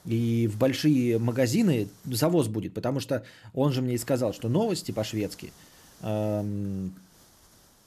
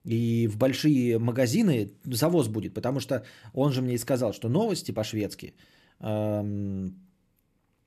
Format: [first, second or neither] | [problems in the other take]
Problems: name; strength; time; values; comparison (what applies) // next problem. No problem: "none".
second | hiss; faint; until 2.5 s and from 4 s on; 25 dB below the speech